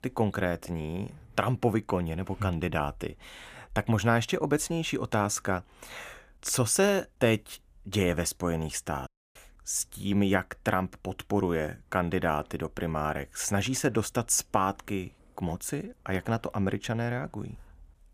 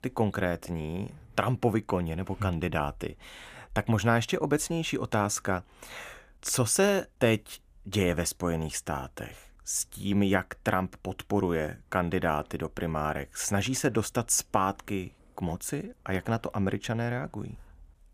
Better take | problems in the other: second | audio cutting out; at 9 s

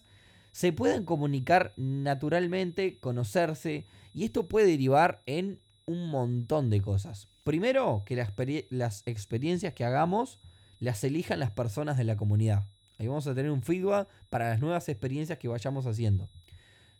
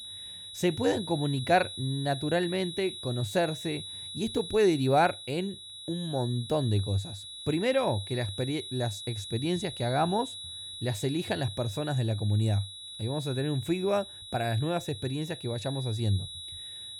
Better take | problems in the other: first | high-pitched whine; loud; throughout; 4 kHz, 9 dB below the speech; faint in the first

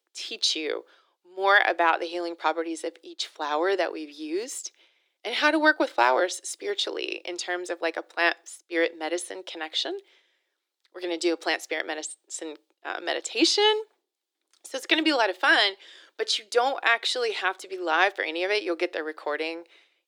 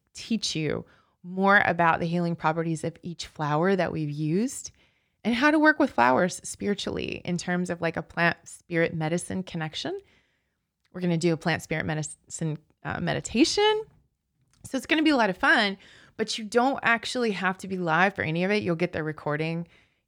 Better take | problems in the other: second | thin; very; fading below 350 Hz

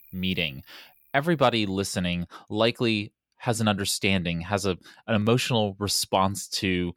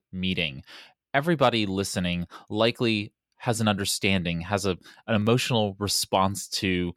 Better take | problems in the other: second | animal sounds; faint; until 1.5 s; 30 dB below the speech

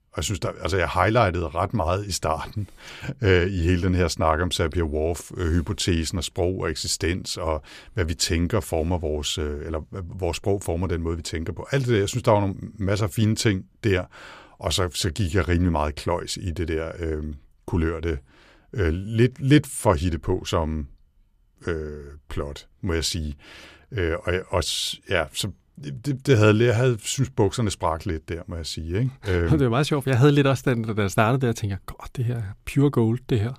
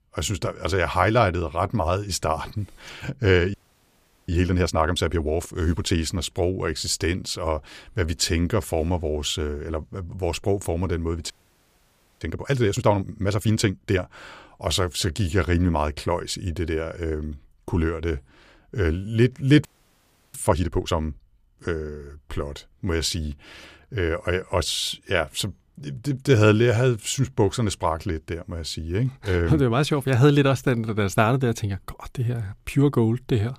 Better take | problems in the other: first | audio freezing; at 3.5 s for 0.5 s, at 11 s for 1 s and at 20 s for 0.5 s

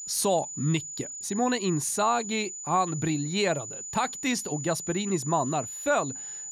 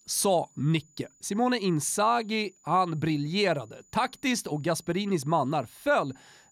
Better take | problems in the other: second | high-pitched whine; loud; throughout; 7 kHz, 7 dB below the speech; faint in the second

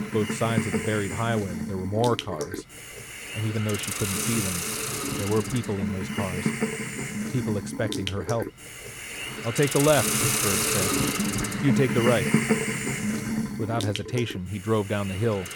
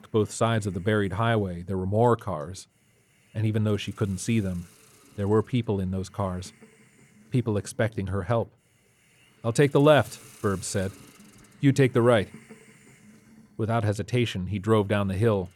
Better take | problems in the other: second | hiss; loud; throughout; as loud as the speech; faint in the second

